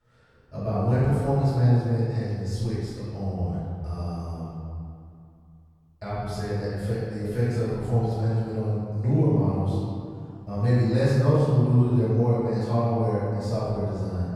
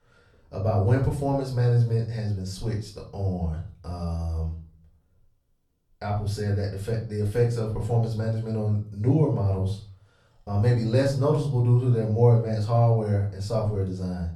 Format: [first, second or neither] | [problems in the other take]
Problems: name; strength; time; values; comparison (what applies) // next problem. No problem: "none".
second | room echo; strong; dies away in 2.1 s; slight in the second // off-mic speech; far; far in the second